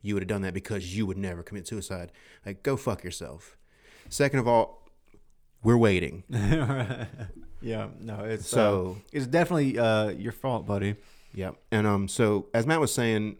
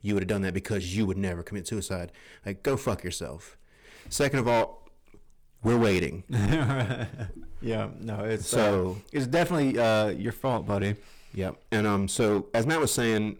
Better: first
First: none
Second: distortion; heavy; 9% of the sound clipped

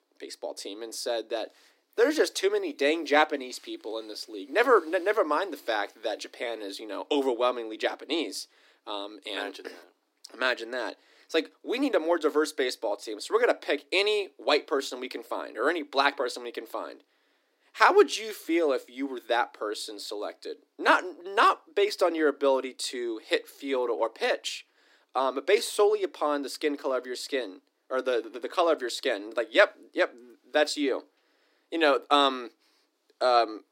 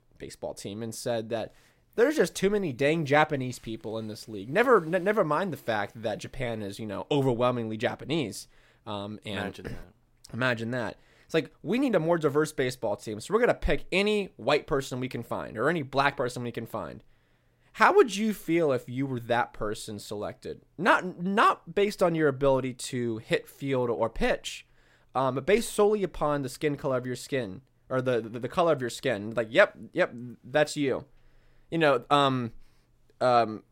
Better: second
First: thin; very slightly; fading below 300 Hz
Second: none

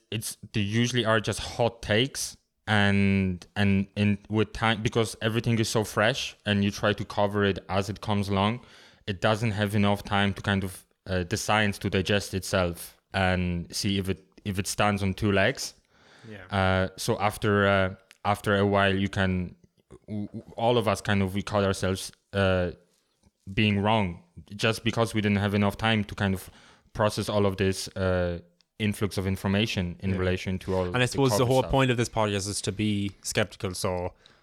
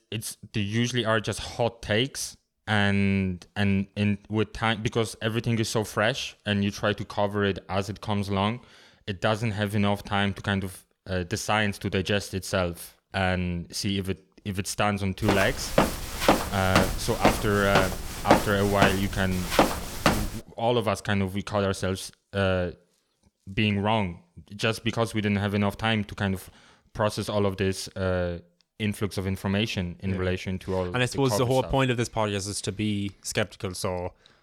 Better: first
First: none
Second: footsteps; loud; from 15 to 20 s; peak 4 dB above the speech

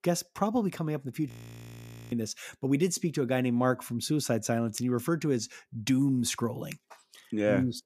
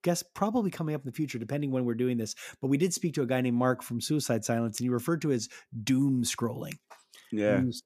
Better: second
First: audio freezing; at 1.5 s for 1 s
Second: none

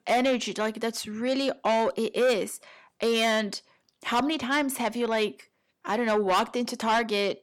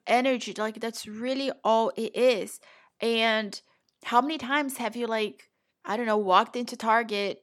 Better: second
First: distortion; heavy; 8 dB below the speech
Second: none

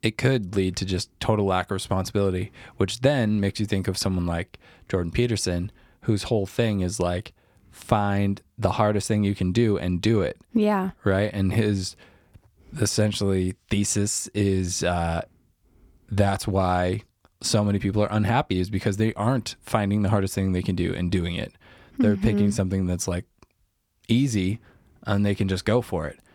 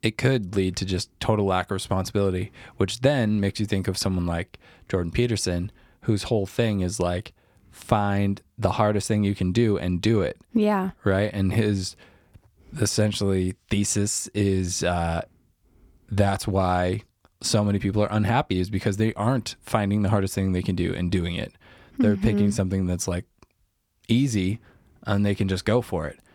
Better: neither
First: none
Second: none

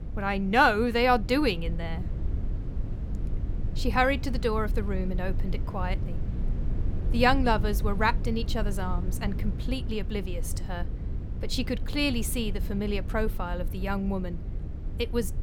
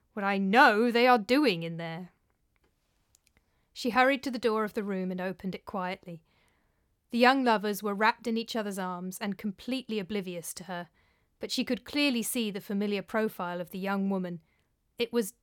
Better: second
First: low rumble; noticeable; throughout; 20 dB below the speech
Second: none

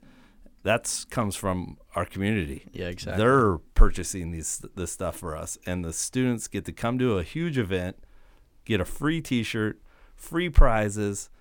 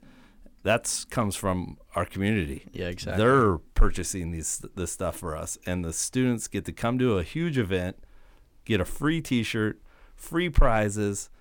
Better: first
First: none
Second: distortion; slight; 10 dB below the speech

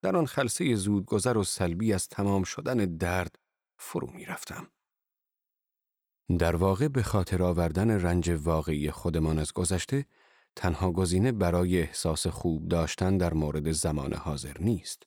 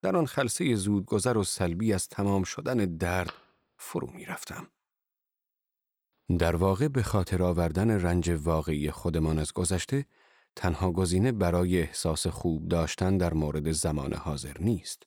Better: first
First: none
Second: phone ringing; faint; from 3.5 to 6.5 s; peak 15 dB below the speech

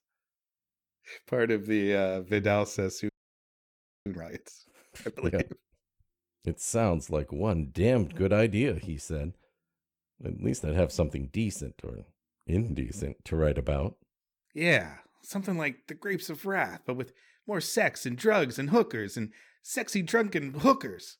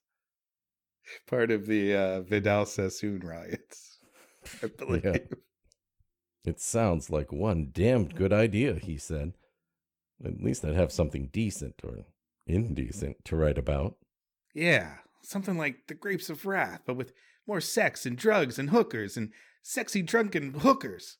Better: second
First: audio freezing; at 3 s for 1 s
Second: none

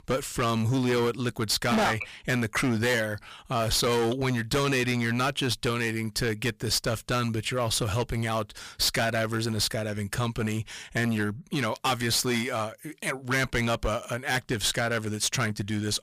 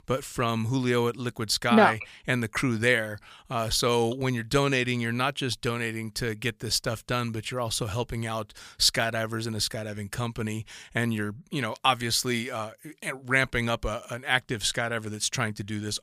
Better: second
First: distortion; heavy; 13% of the sound clipped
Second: none

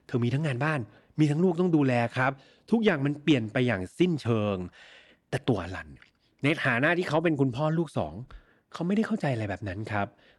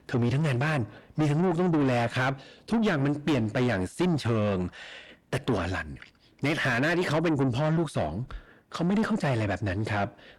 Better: first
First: none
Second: distortion; heavy; 7 dB below the speech

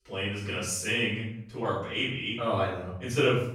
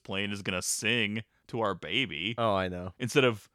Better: second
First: off-mic speech; far // room echo; noticeable; dies away in 0.6 s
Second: none

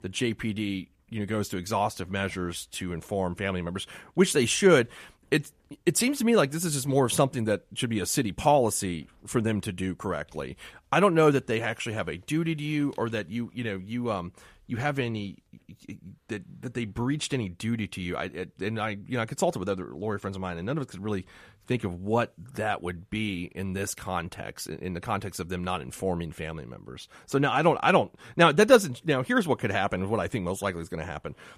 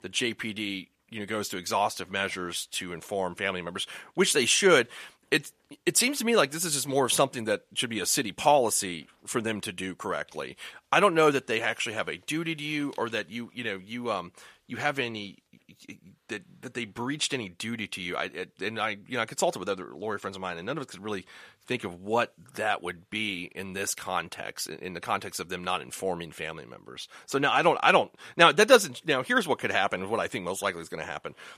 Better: first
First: none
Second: thin; very slightly; fading below 1 kHz

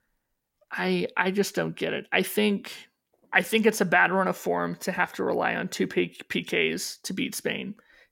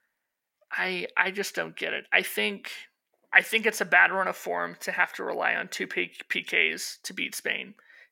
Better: first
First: none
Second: thin; somewhat; fading below 1 kHz

